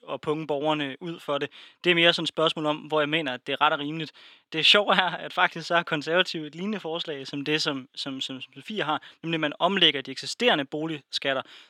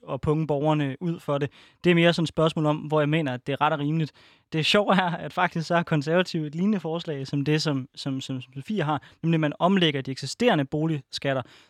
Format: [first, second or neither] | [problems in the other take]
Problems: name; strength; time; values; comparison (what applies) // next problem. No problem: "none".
second | thin; somewhat; fading below 300 Hz